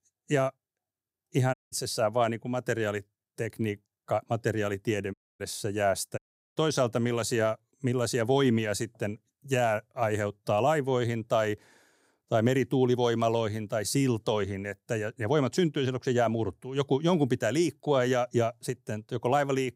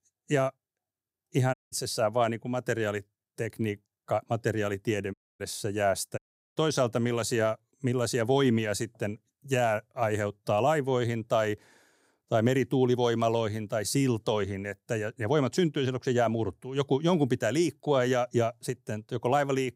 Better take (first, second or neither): neither